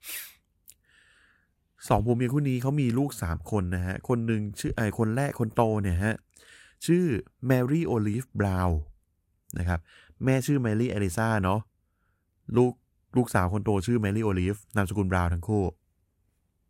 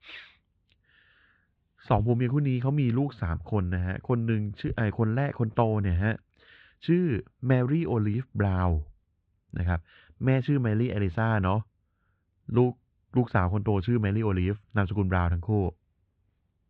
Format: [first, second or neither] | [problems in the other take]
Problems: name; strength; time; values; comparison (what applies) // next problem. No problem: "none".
first | muffled; very; fading above 3.5 kHz